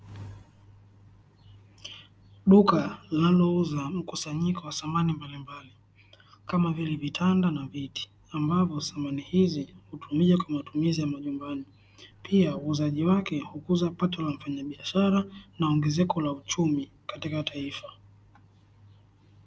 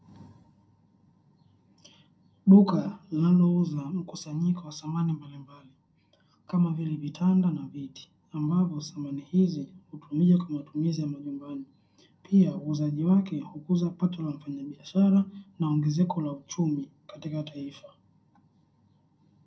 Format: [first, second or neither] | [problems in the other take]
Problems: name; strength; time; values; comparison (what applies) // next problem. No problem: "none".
first | room echo; dies away in 0.2 s